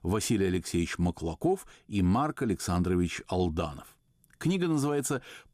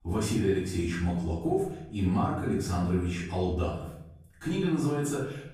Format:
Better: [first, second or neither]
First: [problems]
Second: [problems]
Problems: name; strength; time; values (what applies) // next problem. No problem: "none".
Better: first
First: none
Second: off-mic speech; far // room echo; noticeable; dies away in 0.8 s